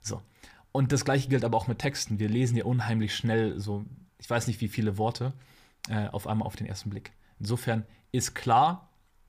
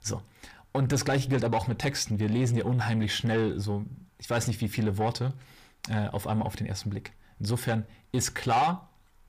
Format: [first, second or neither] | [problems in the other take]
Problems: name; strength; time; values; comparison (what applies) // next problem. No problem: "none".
first | distortion; slight; 10 dB below the speech